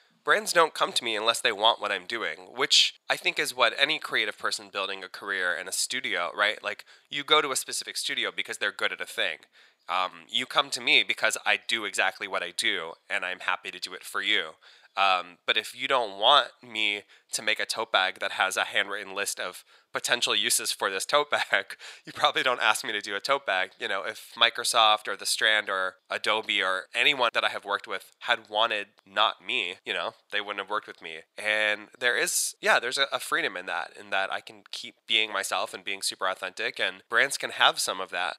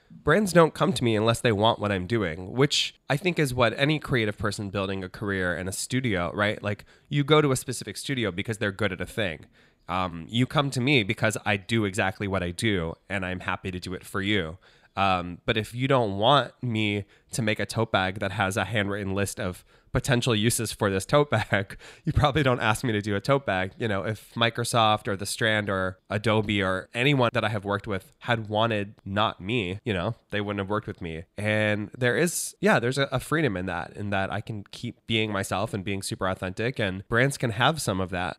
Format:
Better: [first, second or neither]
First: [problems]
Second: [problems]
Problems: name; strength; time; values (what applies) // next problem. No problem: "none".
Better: second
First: thin; very; fading below 700 Hz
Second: none